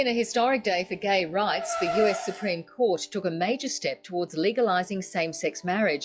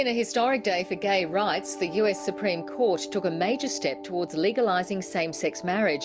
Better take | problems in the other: second | noise reduction (classical method log-MMSE)

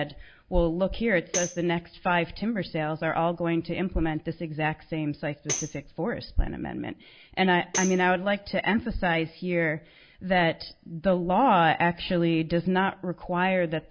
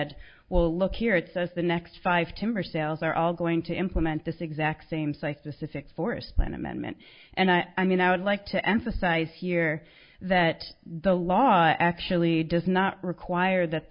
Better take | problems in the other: second | background sound (Tambourine); 11 dB below the speech

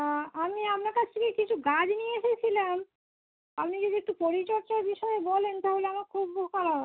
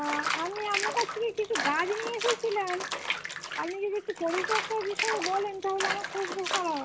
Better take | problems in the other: first | background sound (Bathtub (filling or washing) / Water); 2 dB below the speech

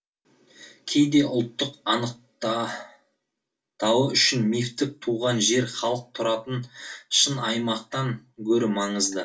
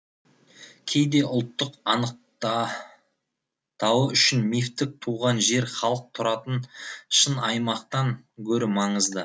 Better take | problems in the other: second | room echo; dies away in 0.2 s

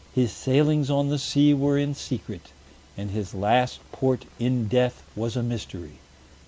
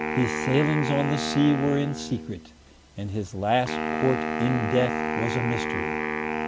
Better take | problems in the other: first | background sound (Wind instrument, woodwind instrument); 3 dB below the speech

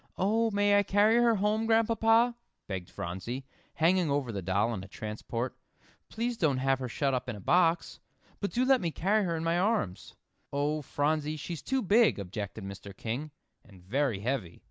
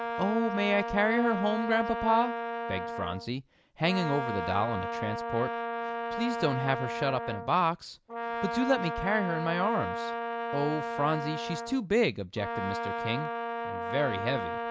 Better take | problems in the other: first | background sound (Brass instrument); 4 dB below the speech

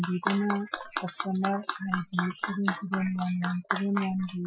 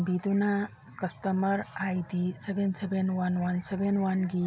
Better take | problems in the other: second | noise reduction (classical method Wiener filter)

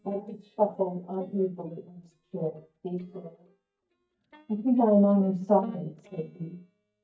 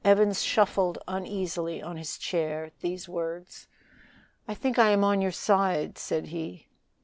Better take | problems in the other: second | noise reduction (neural mask model DeepFilterNet 3)

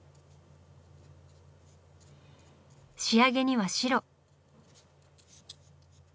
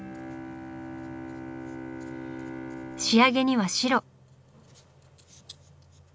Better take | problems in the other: first | background sound (Bowed string instrument); 11 dB below the speech

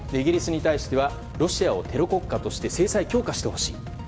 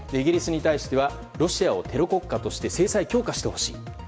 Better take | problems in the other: second | background sound (Engine starting); 12 dB below the speech

